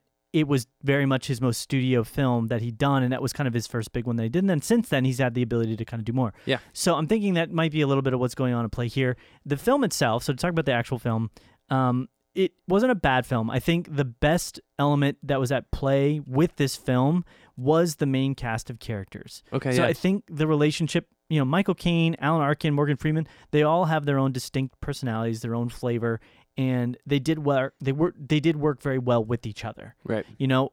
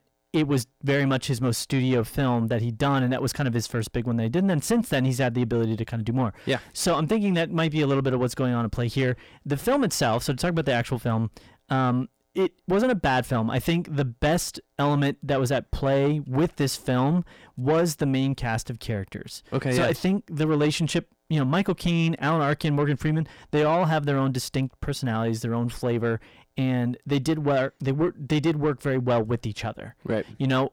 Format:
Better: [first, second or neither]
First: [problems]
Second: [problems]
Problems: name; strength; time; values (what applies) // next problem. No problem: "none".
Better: first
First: none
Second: distortion; slight; 10 dB below the speech